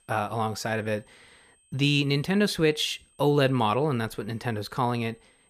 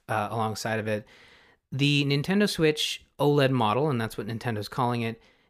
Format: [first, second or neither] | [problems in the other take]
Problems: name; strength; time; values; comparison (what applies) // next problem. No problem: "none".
second | high-pitched whine; faint; throughout; 8.5 kHz, 35 dB below the speech